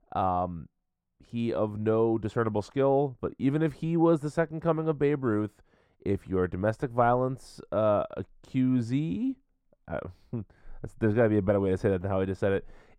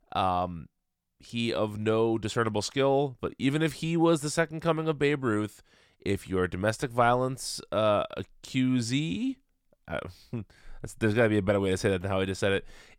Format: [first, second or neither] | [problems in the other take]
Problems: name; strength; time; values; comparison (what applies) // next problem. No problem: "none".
second | muffled; very; fading above 2 kHz